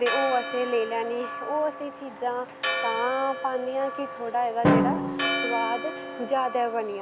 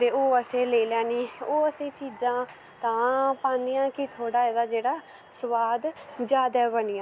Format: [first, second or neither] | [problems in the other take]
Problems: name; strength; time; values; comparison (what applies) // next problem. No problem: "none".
second | background sound (Drum + Church bell); 2 dB below the speech